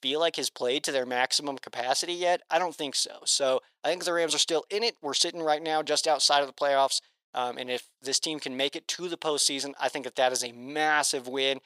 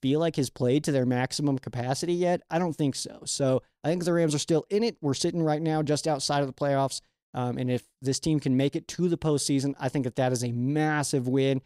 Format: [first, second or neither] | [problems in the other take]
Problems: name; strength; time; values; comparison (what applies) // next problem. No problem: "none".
second | thin; very; fading below 750 Hz